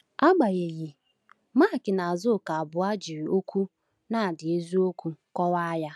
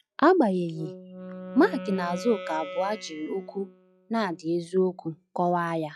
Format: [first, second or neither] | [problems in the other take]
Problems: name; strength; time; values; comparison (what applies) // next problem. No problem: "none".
first | noise reduction (classical method log-MMSE)